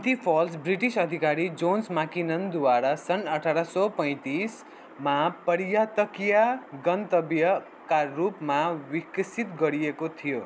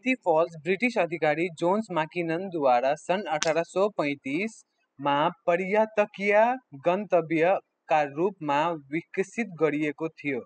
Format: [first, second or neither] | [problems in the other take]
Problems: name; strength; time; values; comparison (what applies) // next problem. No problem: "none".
first | noise reduction (classical method spectral subtraction)